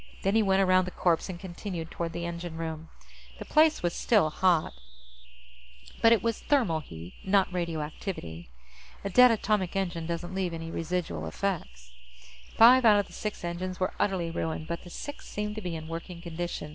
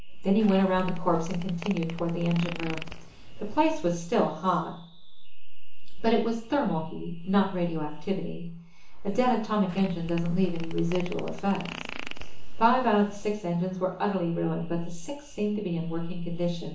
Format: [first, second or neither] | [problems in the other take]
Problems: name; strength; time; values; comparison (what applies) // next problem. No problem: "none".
first | background sound (Fart); 16 dB below the speech // room echo; dies away in 0.8 s